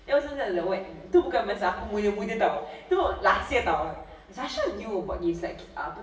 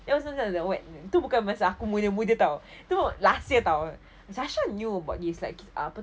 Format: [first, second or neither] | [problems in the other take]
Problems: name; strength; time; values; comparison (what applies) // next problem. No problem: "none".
second | room echo; dies away in 0.8 s